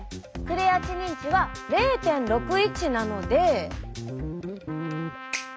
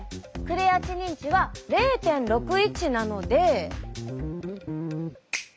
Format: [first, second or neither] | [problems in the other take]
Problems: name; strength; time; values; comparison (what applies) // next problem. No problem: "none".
second | background sound (Trumpet); 15 dB below the speech